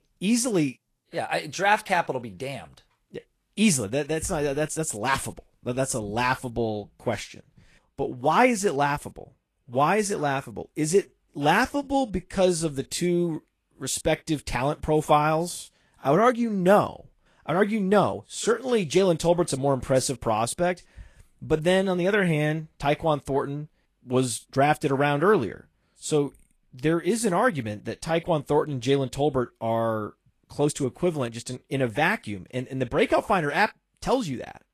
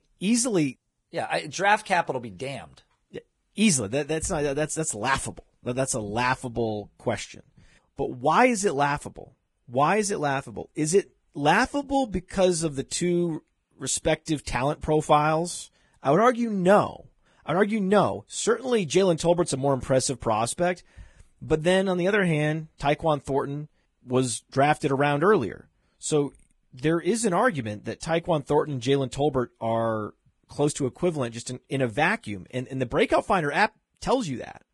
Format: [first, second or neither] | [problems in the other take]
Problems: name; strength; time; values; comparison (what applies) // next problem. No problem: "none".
first | garbled, watery; badly; nothing above 10 kHz; slightly in the first